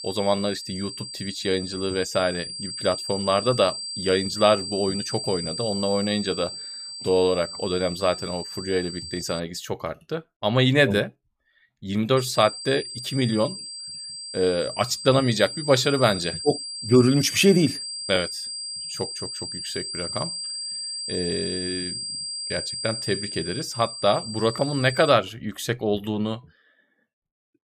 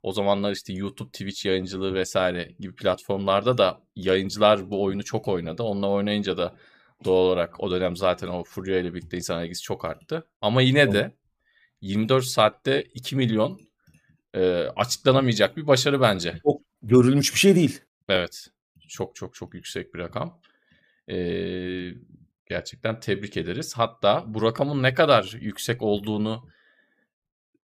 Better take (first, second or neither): second